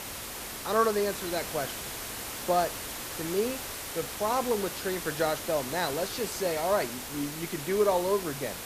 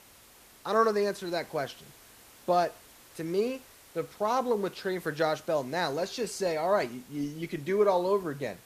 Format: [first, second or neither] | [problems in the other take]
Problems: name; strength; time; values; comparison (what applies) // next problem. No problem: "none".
second | hiss; loud; throughout; 6 dB below the speech; faint in the second